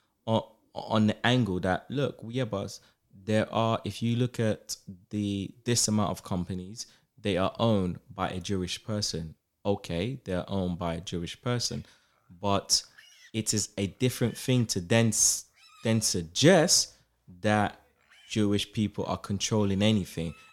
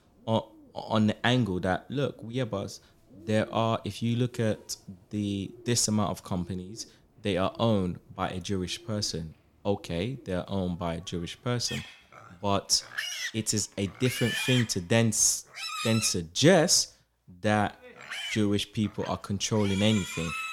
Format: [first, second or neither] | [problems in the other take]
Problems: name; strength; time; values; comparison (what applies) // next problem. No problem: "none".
first | animal sounds; loud; throughout; 8 dB below the speech; faint in the first